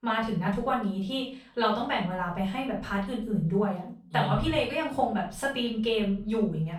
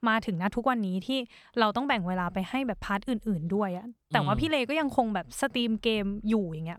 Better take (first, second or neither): second